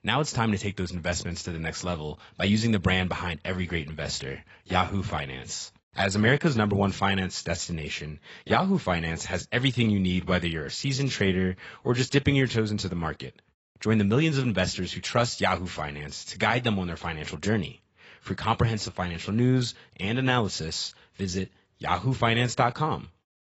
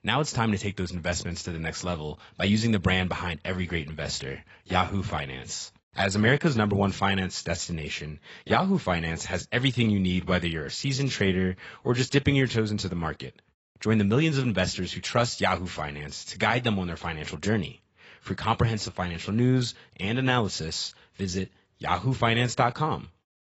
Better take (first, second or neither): neither